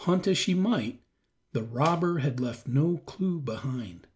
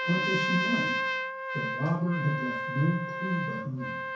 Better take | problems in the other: first | background sound (Trumpet); 1 dB below the speech // room echo; dies away in 0.6 s

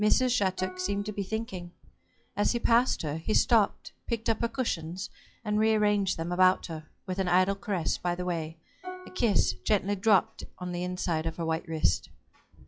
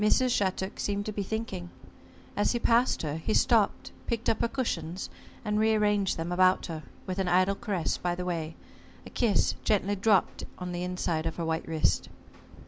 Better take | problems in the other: second | noise reduction (classical method log-MMSE)

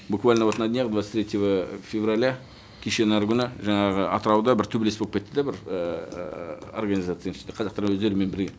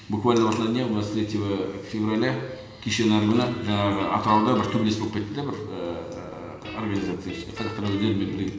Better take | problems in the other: first | background sound (Guitar); 14 dB below the speech // room echo; dies away in 1.1 s

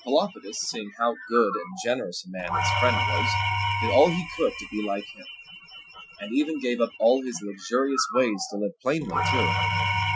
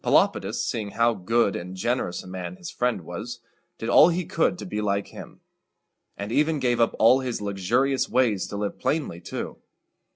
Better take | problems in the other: second | noise reduction (classical method Wiener filter)

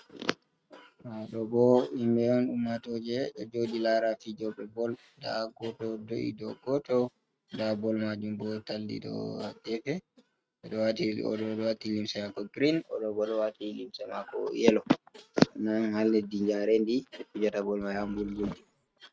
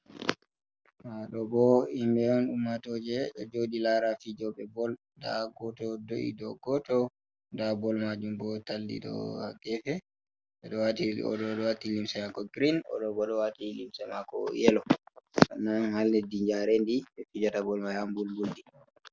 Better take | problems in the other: second | noise reduction (neural mask model RNNoise)

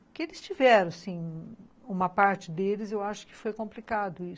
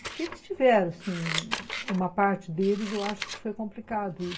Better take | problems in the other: first | background sound (Scissors); 10 dB below the speech // room echo; dies away in 0.2 s

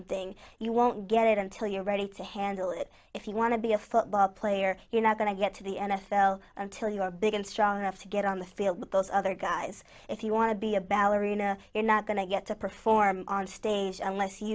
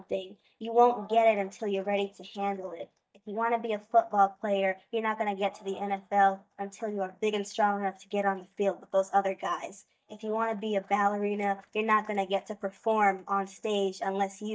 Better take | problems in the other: first | noise reduction (neural mask model DeepFilterNet 3)

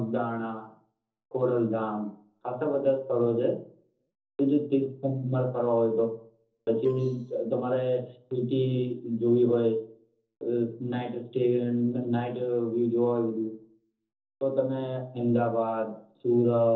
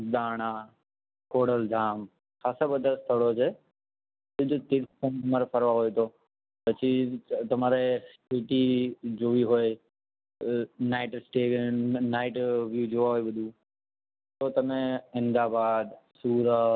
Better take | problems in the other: second | noise reduction (neural separator model SepFormer DNS4)

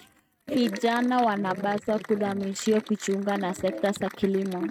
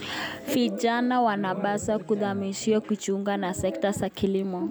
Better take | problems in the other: second | noise reduction (neural mask model RNNoise)

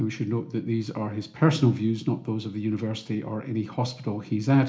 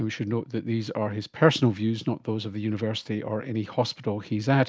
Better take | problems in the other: second | room echo; dies away in 0.4 s

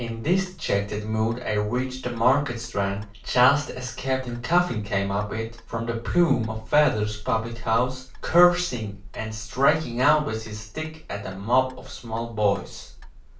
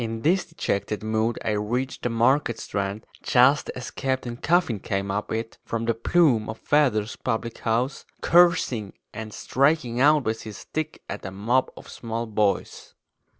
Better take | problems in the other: second | background sound (Clock); 14 dB below the speech // room echo; dies away in 0.3 s

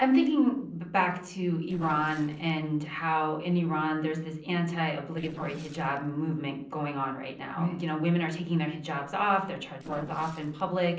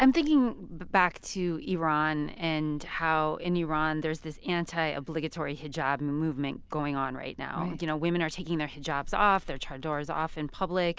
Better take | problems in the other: second | noise reduction (neural separator model SepFormer DNS4)

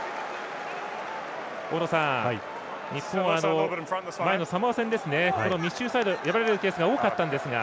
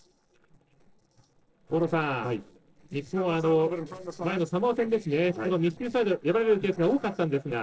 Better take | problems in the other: first | noise reduction (neural separator model SepFormer DNS4)

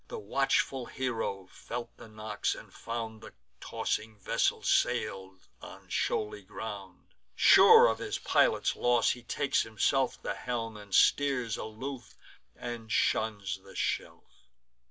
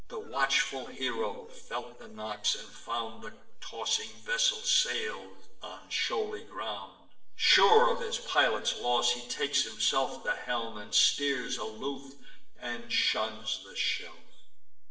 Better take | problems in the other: first | noise reduction (neural separator model SepFormer DNS4)

